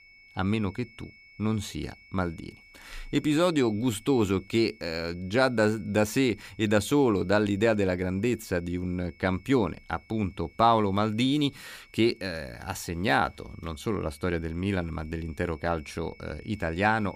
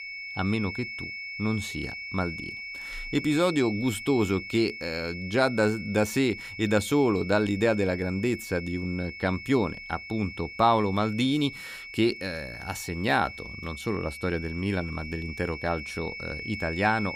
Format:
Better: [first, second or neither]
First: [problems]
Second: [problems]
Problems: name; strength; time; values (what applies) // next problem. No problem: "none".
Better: first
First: high-pitched whine; faint; throughout; 2 kHz, 25 dB below the speech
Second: high-pitched whine; loud; throughout; 2 kHz, 10 dB below the speech